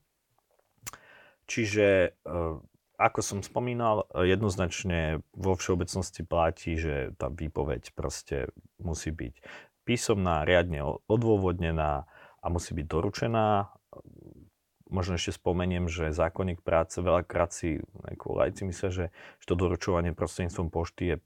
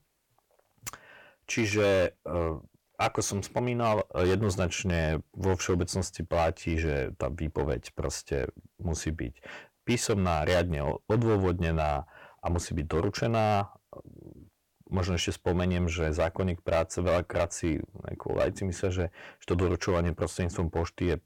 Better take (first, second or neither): first